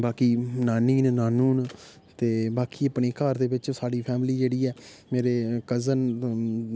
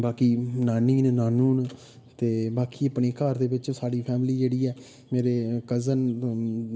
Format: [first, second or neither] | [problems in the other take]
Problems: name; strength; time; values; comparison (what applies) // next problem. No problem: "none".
first | room echo; dies away in 0.9 s